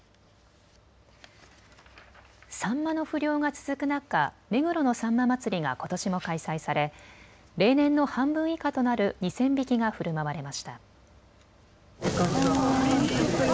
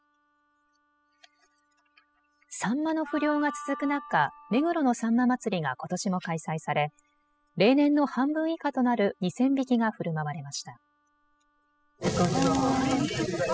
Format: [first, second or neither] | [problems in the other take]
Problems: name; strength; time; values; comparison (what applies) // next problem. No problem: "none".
first | noise reduction (classical method spectral subtraction)